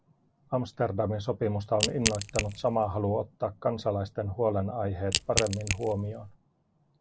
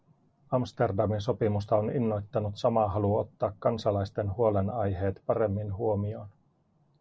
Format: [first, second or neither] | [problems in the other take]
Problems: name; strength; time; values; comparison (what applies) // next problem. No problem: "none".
second | background sound (Crack / Crushing); 3 dB below the speech